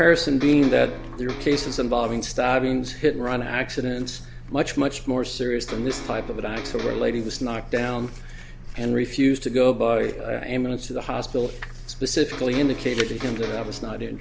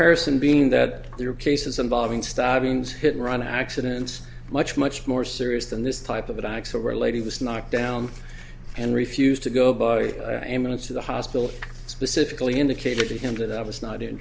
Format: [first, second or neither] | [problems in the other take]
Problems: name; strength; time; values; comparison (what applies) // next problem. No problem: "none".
second | background sound (Electric guitar); 14 dB below the speech